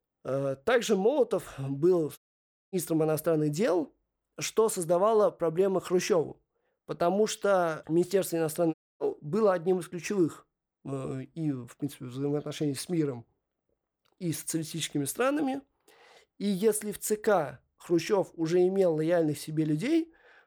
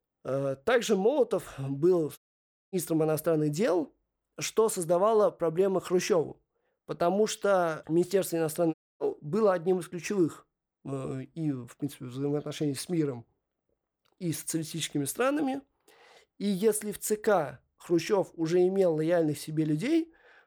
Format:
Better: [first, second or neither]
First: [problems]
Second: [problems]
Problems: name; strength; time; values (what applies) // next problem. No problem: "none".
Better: neither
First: audio cutting out; at 2 s for 0.5 s and at 8.5 s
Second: audio cutting out; at 2 s for 0.5 s and at 8.5 s